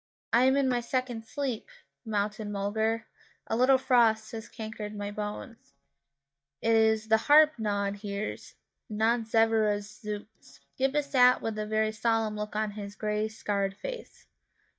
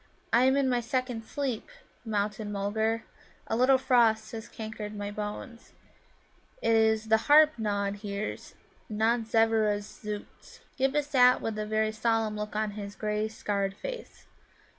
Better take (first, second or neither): second